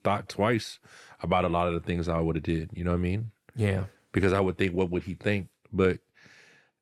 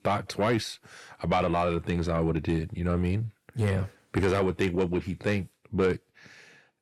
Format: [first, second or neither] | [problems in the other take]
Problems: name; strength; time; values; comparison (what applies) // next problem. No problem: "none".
first | distortion; slight; 10 dB below the speech